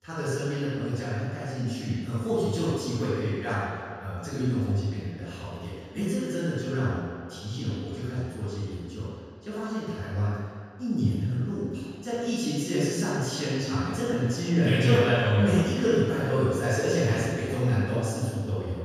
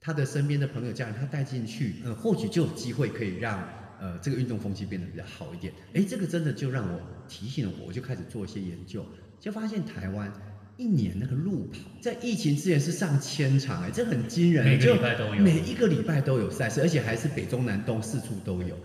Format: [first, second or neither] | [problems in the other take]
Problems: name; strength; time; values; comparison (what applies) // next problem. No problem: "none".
second | room echo; strong; dies away in 1.8 s; slight in the second // off-mic speech; far